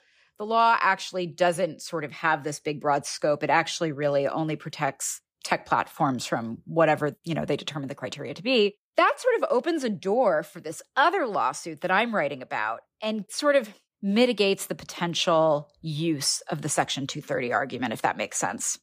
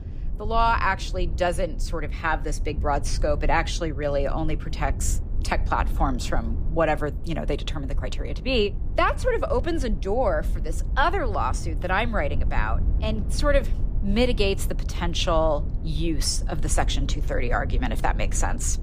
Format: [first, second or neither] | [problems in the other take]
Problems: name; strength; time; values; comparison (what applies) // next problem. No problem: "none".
first | low rumble; noticeable; throughout; 20 dB below the speech